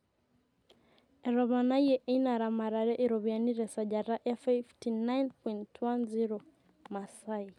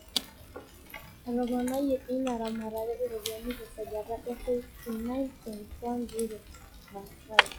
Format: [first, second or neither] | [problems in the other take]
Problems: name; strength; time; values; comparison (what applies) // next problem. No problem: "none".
first | noise reduction (classical method log-MMSE)